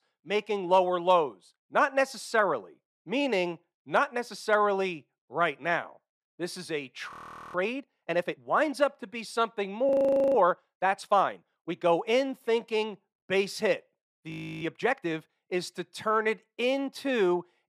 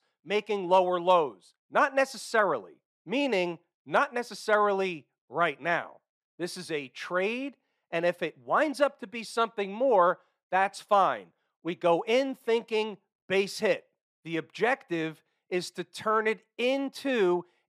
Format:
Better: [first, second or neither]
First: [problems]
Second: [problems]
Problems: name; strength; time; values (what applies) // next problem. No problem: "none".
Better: second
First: audio freezing; at 7 s, at 10 s and at 14 s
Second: none